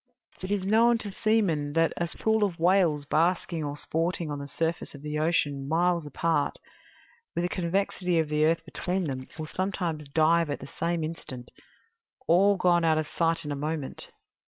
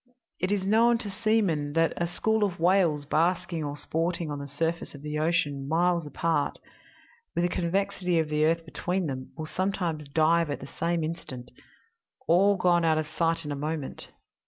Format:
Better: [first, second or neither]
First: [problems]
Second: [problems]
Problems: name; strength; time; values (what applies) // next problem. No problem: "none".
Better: second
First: noise reduction (neural separator model SepFormer WHAM!)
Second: none